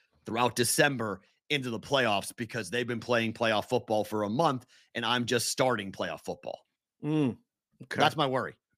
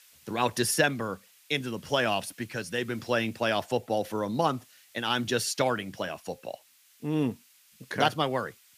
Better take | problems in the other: first | hiss; faint; throughout; 25 dB below the speech

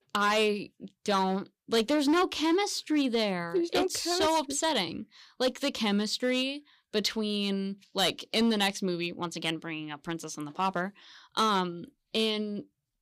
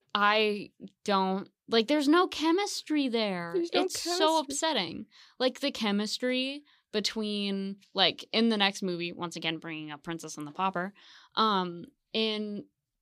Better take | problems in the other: second | distortion; slight; 4% of the sound clipped

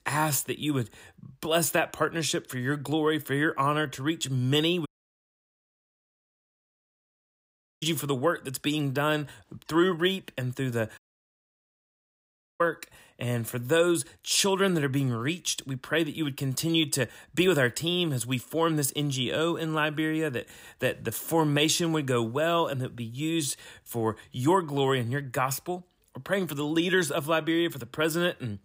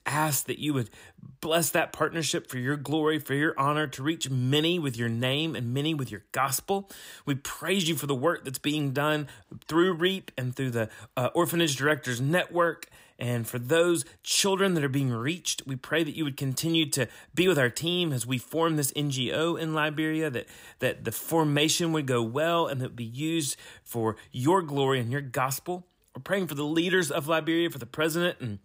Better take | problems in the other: second | audio cutting out; at 5 s for 3 s and at 11 s for 1.5 s

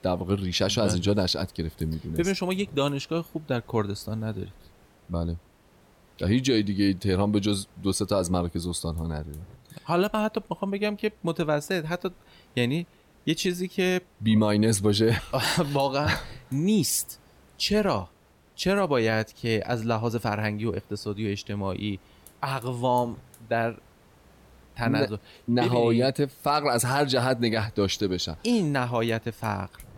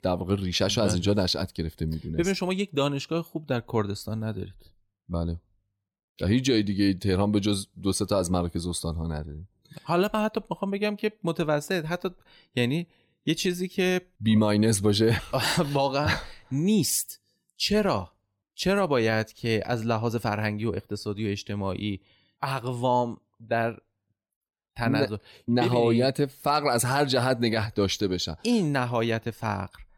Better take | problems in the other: second | hiss; faint; throughout; 30 dB below the speech

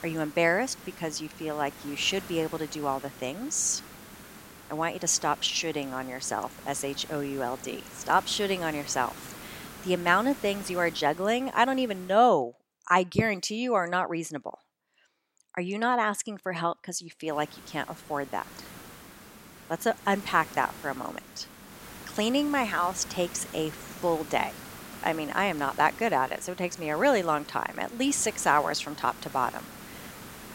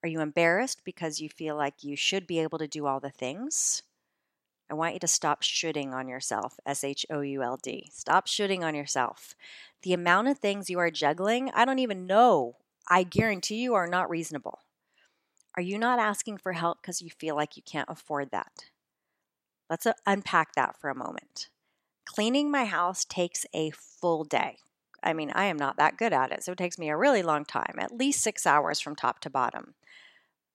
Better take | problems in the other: second | hiss; noticeable; until 12 s and from 17 s on; 15 dB below the speech

